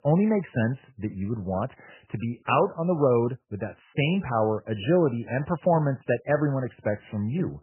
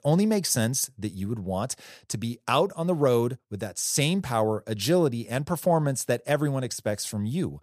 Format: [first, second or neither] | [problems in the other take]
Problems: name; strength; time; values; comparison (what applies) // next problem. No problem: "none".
second | garbled, watery; badly; nothing above 3 kHz